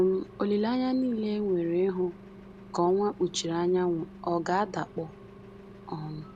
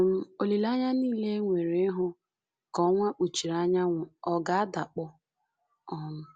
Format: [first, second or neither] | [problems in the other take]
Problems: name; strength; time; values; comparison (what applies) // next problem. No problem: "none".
second | background sound (Engine); 18 dB below the speech